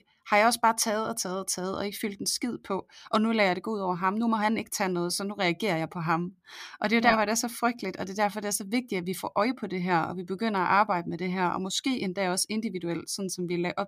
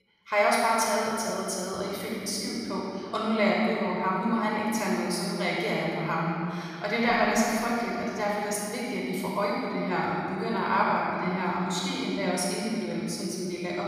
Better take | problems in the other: first | off-mic speech; far // room echo; strong; dies away in 2.3 s

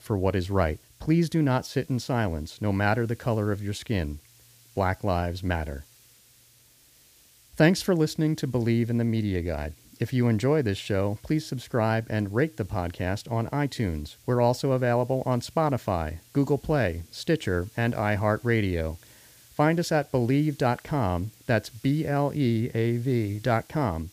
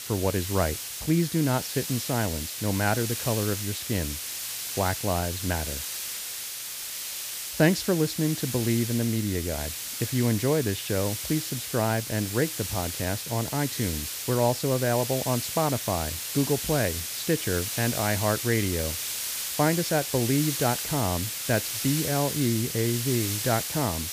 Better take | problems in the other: first | hiss; loud; throughout; 3 dB below the speech; faint in the first

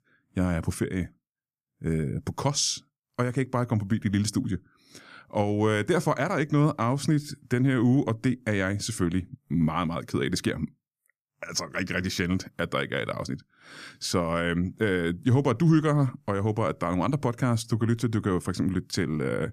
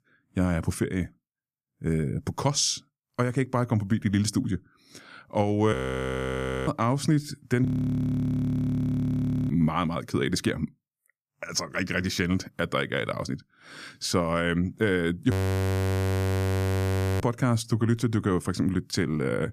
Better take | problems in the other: first | audio freezing; at 5.5 s for 1 s, at 7.5 s for 2 s and at 15 s for 2 s

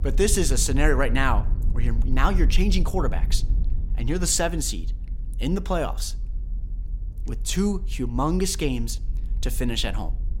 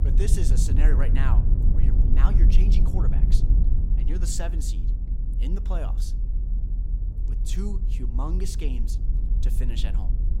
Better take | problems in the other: first | low rumble; loud; throughout; 5 dB below the speech; faint in the first

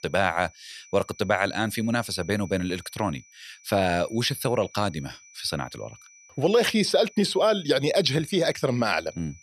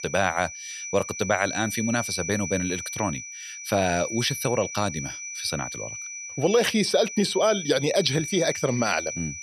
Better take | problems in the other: first | high-pitched whine; loud; throughout; 6 kHz, 8 dB below the speech; faint in the first

